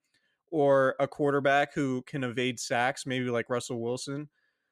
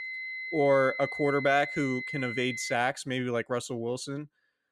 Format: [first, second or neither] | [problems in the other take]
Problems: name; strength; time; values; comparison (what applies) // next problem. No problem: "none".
first | high-pitched whine; loud; until 3 s; 2 kHz, 6 dB below the speech